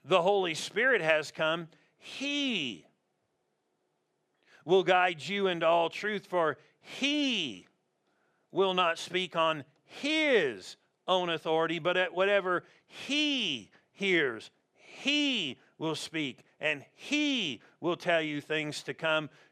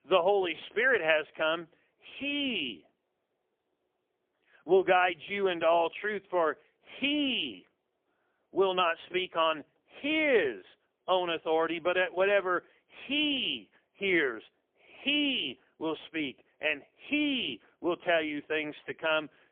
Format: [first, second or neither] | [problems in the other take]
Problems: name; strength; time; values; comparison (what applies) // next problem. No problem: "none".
first | phone-call audio; poor line; nothing above 3.5 kHz